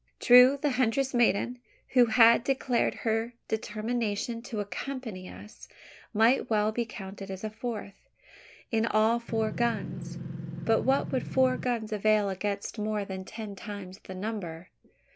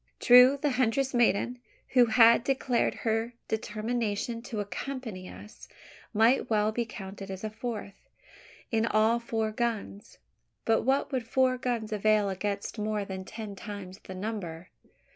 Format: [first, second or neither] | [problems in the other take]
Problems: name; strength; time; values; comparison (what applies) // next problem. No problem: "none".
second | background sound (Engine); 7 dB below the speech